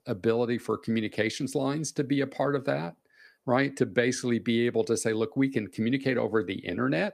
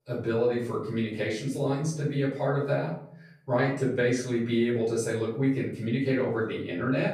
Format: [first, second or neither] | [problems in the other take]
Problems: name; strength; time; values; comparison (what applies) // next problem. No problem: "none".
first | off-mic speech; far // room echo; noticeable; dies away in 0.6 s